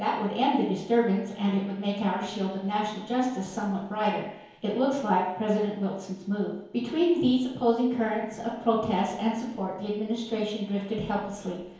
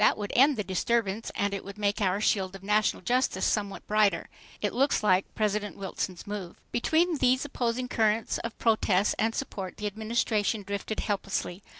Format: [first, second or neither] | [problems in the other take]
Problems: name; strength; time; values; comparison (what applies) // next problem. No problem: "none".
second | room echo; dies away in 1 s